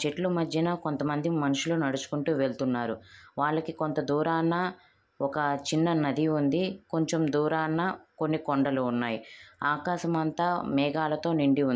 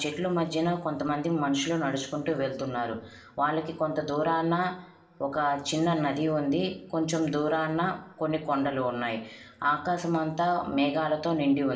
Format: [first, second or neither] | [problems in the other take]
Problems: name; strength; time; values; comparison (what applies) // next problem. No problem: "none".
first | room echo; dies away in 0.9 s